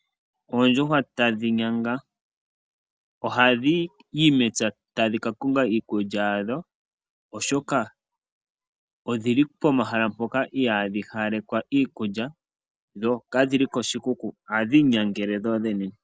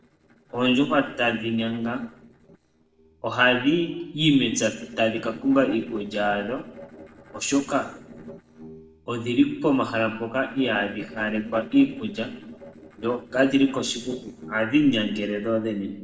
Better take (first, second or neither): first